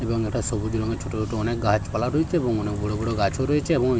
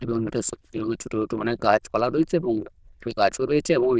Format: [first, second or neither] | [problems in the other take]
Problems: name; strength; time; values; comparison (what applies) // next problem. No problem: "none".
first | noise reduction (neural diffusion model UNIVERSE++)